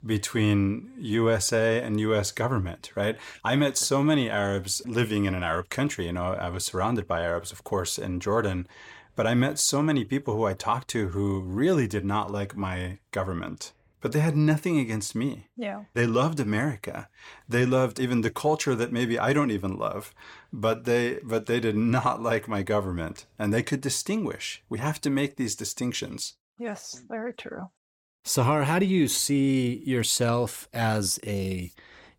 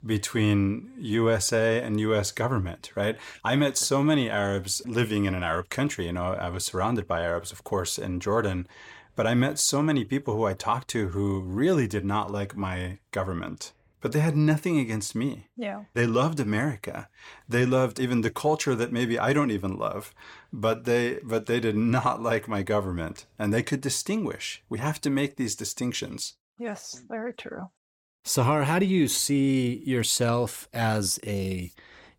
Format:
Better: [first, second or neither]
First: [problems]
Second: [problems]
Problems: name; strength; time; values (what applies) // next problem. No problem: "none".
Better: neither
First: none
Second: none